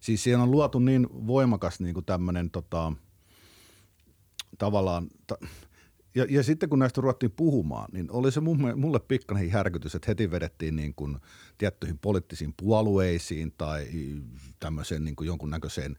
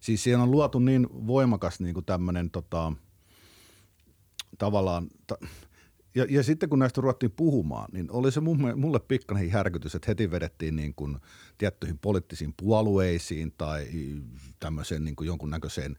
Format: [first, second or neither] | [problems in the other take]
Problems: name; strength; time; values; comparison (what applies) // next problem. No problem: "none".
neither | none